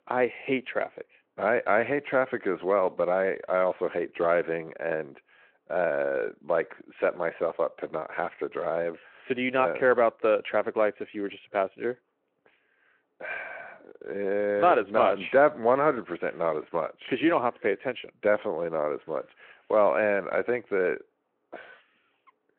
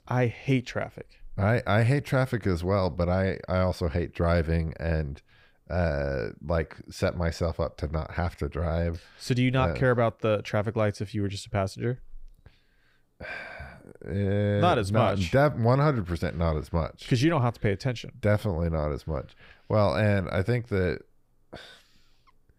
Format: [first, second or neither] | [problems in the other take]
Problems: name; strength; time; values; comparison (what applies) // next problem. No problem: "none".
second | phone-call audio